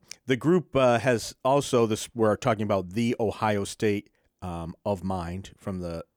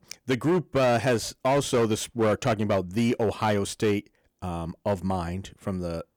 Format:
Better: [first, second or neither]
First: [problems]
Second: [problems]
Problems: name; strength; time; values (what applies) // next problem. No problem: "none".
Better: first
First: none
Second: distortion; slight; 8% of the sound clipped